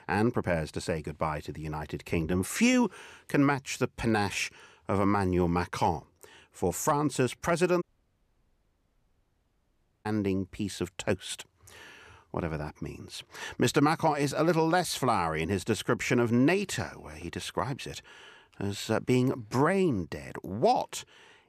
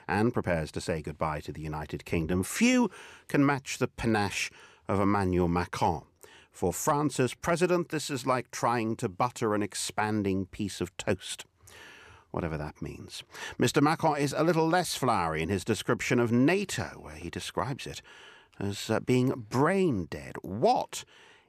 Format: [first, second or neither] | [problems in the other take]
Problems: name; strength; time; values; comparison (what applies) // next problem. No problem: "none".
second | audio cutting out; at 8 s for 2 s